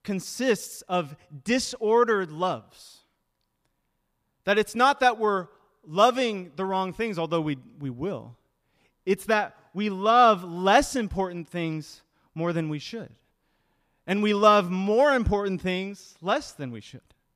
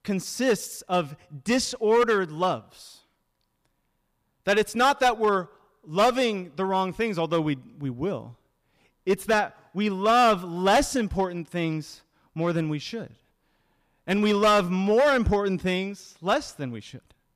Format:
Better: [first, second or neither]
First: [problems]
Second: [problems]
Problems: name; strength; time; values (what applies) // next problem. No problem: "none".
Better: first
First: none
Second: distortion; slight; 4% of the sound clipped